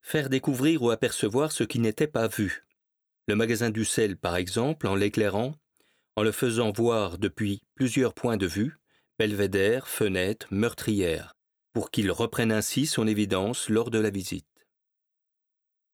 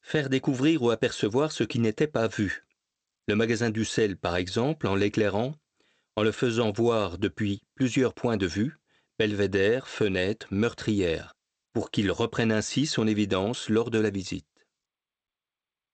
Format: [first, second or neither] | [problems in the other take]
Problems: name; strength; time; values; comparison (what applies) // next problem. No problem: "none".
first | garbled, watery; slightly; nothing above 8 kHz